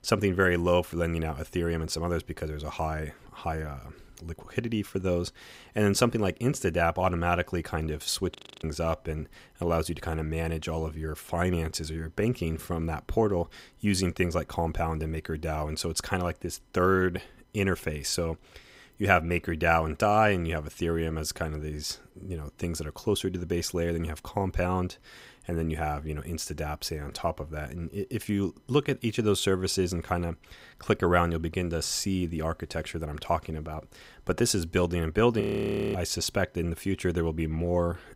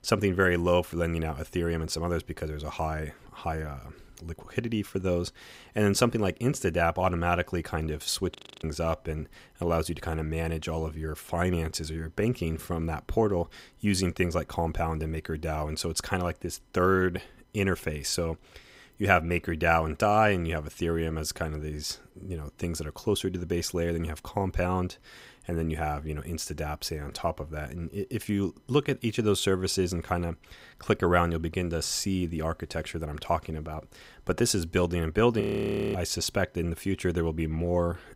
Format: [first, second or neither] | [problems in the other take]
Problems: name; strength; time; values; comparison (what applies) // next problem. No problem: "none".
neither | audio freezing; at 8.5 s and at 35 s for 0.5 s; the same in both